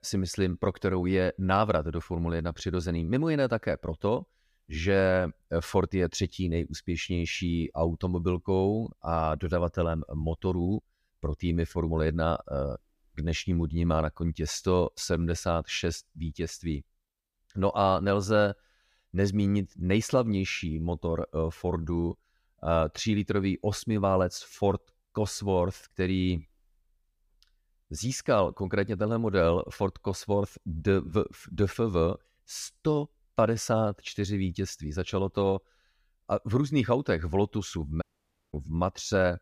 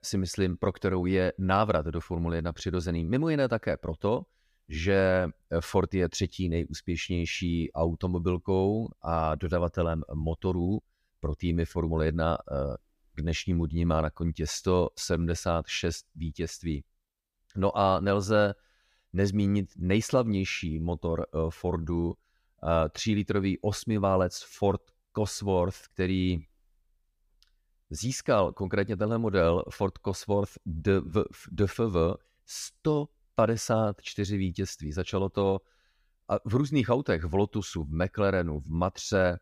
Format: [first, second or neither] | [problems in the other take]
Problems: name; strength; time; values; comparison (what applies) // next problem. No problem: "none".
second | audio cutting out; at 38 s for 0.5 s